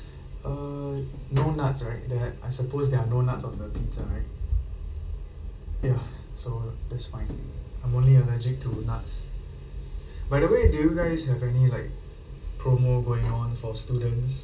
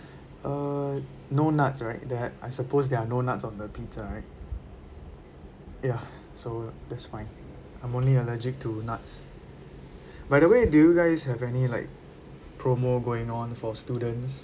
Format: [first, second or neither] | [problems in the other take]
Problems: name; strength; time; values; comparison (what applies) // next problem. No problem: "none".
second | background sound (Tap); 18 dB below the speech // room echo; dies away in 0.2 s